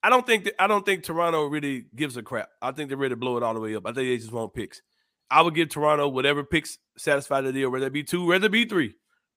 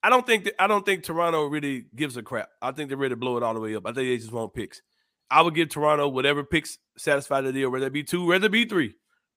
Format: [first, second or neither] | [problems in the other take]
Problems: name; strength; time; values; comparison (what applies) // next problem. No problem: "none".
neither | none